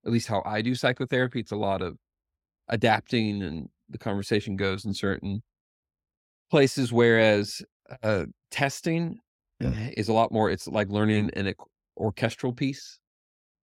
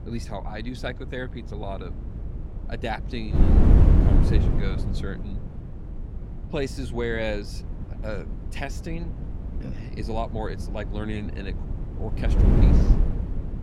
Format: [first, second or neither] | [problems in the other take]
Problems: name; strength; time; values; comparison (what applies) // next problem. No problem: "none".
first | wind noise on the microphone; heavy; 2 dB below the speech